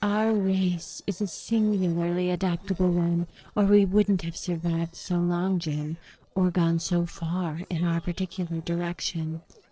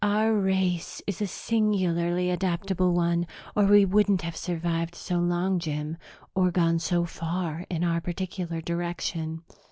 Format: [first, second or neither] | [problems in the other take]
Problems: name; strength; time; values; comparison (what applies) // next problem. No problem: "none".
second | noise reduction (neural separator model SepFormer DNS4)